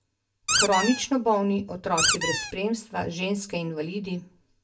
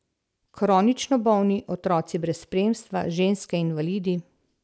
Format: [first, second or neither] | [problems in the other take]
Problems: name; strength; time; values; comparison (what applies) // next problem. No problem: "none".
second | background sound (Squeak); 2 dB above the speech // room echo; dies away in 0.2 s